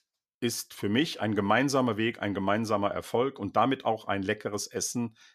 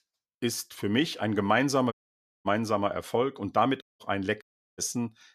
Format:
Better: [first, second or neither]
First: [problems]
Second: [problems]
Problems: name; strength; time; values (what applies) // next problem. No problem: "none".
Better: first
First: none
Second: audio cutting out; at 2 s for 0.5 s, at 4 s and at 4.5 s